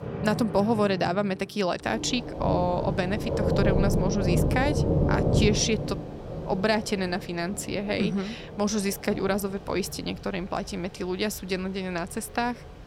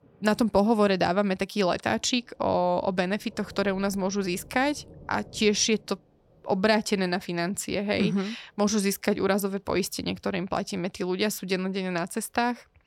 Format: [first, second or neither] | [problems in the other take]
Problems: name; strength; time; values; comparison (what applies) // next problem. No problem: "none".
second | rain or running water; loud; throughout; 1 dB below the speech; faint in the second